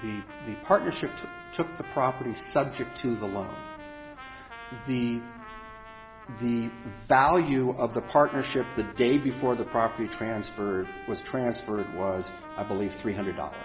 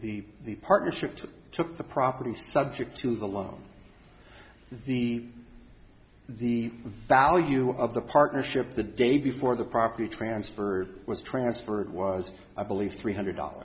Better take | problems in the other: second | background sound (Trumpet); 15 dB below the speech

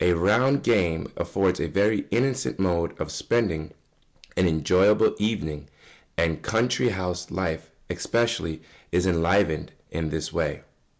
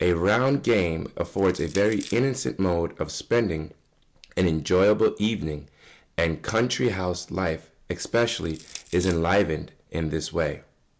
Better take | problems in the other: first | background sound (Crushing); 18 dB below the speech

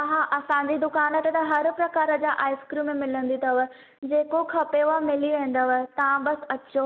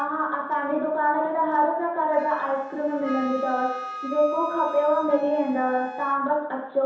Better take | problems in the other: first | background sound (Wind instrument, woodwind instrument); 13 dB below the speech // room echo; dies away in 0.7 s

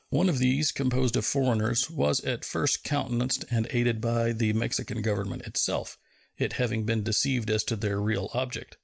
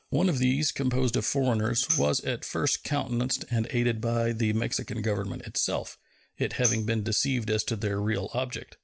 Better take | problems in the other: first | background sound (Tambourine); 9 dB below the speech

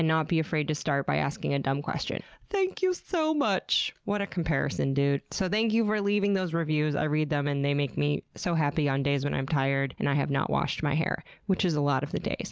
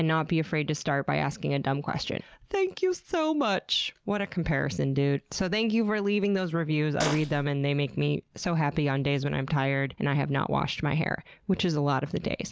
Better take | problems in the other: first | background sound (Fart); 5 dB below the speech

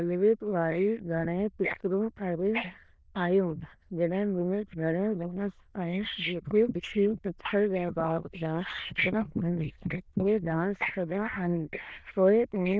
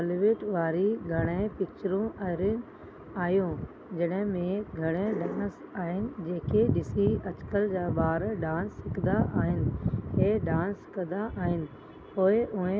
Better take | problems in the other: second | noise reduction (neural diffusion model UNIVERSE++)

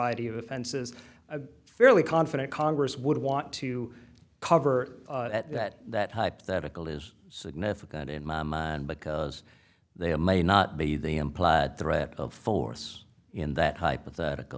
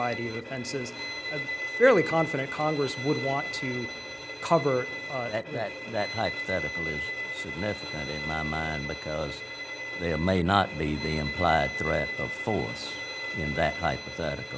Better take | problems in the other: first | background sound (Bowed string instrument); 6 dB below the speech

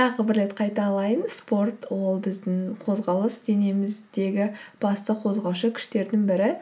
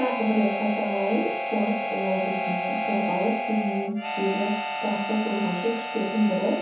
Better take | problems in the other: first | background sound (Harmonica); 3 dB below the speech // room echo; dies away in 0.6 s

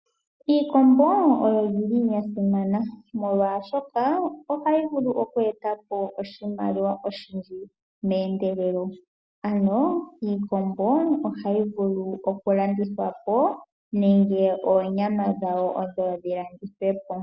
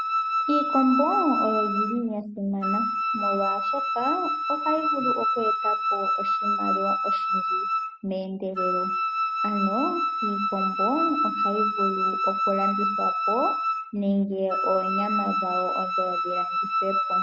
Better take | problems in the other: first | background sound (Wind instrument, woodwind instrument); 3 dB above the speech

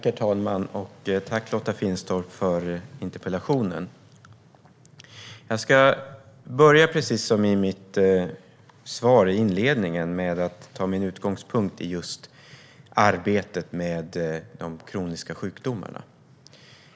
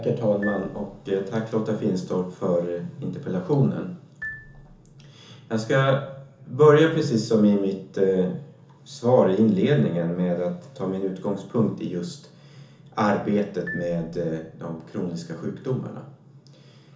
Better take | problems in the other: first | background sound (Marimba, xylophone); 18 dB below the speech // room echo; dies away in 0.7 s

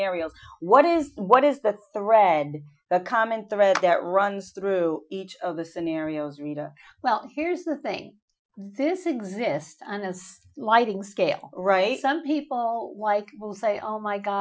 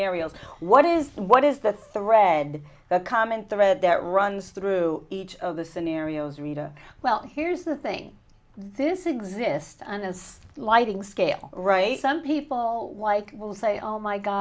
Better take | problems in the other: second | noise reduction (classical method Wiener filter)

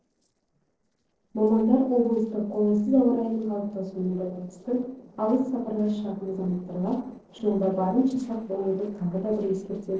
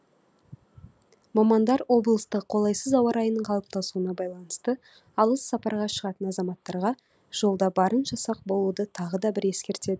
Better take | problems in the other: second | noise reduction (neural separator model SepFormer DNS4)

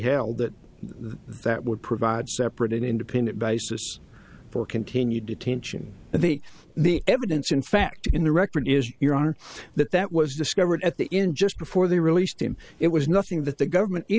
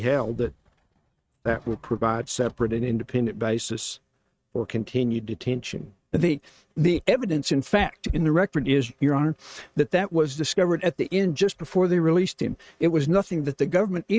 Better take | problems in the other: first | noise reduction (neural mask model RNNoise)

